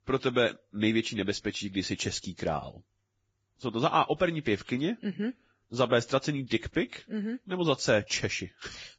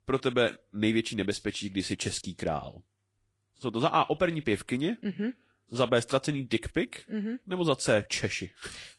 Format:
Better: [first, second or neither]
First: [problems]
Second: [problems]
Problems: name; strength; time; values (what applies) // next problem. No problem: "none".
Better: second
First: garbled, watery; badly; nothing above 7.5 kHz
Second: garbled, watery; slightly; nothing above 10 kHz